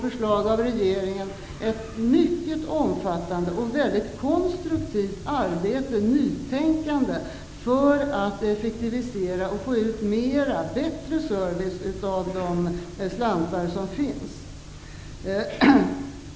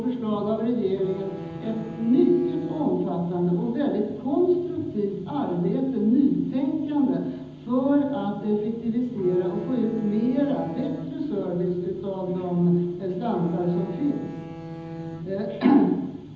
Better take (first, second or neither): first